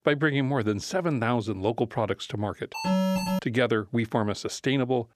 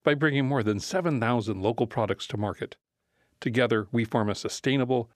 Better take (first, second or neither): second